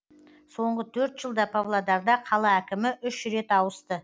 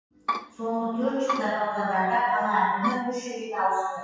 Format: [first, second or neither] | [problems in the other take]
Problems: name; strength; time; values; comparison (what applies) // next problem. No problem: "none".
first | noise reduction (classical method WPE with log-MMSE)